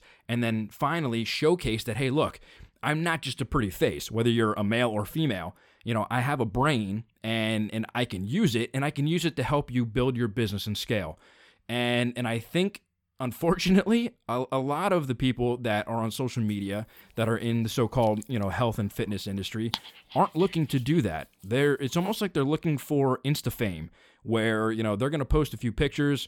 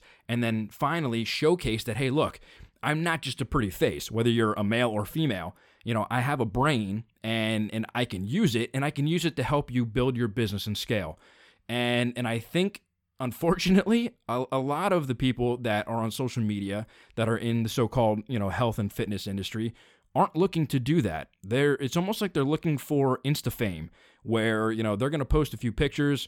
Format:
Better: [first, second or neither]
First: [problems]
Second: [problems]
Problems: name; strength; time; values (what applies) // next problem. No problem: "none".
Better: second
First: dog barking; noticeable; from 18 to 22 s; peak 7 dB below the speech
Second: none